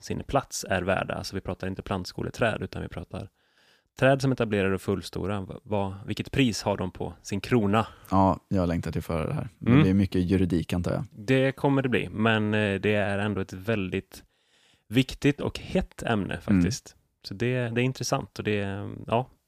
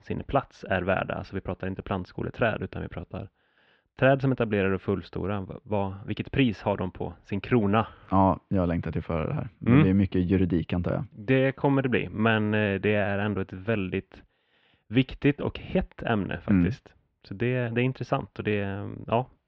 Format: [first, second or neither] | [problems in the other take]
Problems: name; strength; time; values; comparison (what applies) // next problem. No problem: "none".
first | muffled; very; fading above 3 kHz